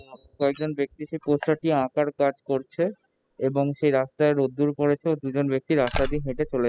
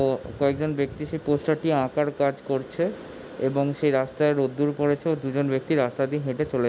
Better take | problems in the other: second | noise reduction (classical method spectral subtraction)

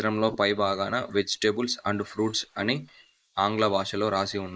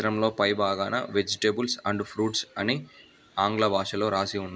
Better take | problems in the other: second | noise reduction (neural mask model Resemble Enhance denoiser)

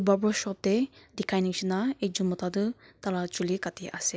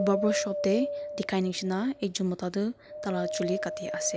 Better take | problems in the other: first | background sound (Wind); 5 dB below the speech

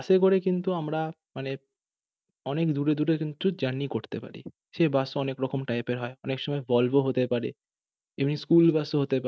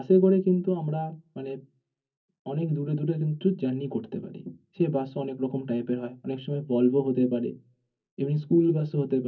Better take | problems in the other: first | room echo; dies away in 0.3 s

